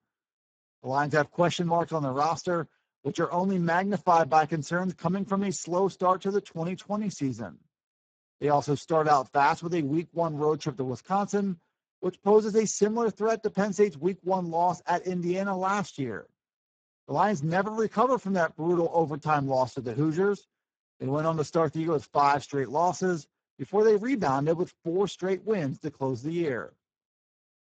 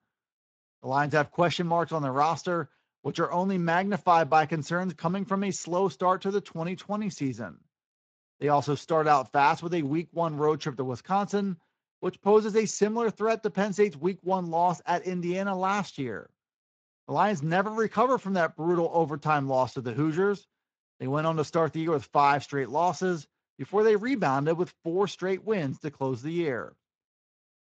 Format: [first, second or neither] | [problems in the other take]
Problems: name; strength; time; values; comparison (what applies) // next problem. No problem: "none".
second | garbled, watery; badly; nothing above 7.5 kHz; slightly in the second